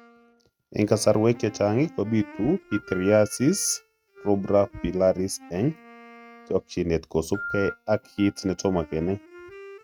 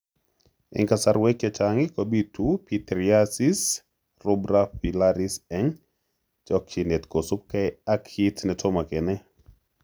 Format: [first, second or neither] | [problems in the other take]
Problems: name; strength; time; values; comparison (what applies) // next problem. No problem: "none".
second | noise reduction (neural mask model RNNoise)